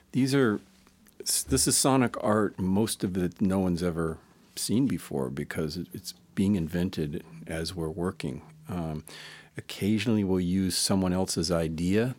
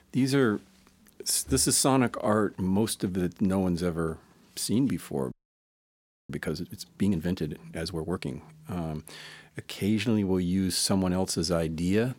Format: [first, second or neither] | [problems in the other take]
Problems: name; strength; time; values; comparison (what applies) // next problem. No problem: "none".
first | audio freezing; at 5.5 s for 1 s